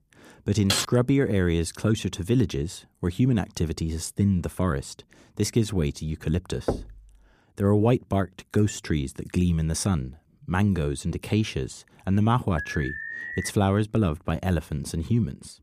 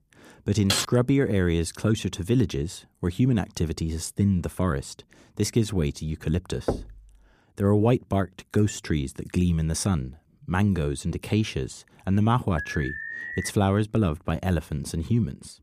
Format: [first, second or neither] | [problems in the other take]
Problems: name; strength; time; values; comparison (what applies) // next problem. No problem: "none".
neither | keyboard typing; noticeable; at 0.5 s; peak level with the speech; the same in both // door banging; noticeable; at 6.5 s; peak 5 dB below the speech; the same in both // alarm; noticeable; at 13 s; peak 7 dB below the speech; the same in both